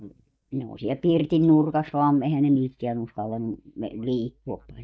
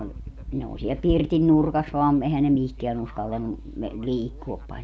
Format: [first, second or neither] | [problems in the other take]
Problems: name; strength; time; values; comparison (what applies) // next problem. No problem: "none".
second | noise reduction (neural mask model DeepFilterNet 3)